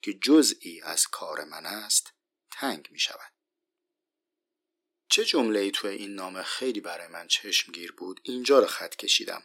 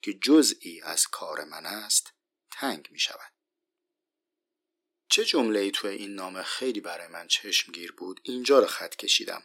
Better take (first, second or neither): neither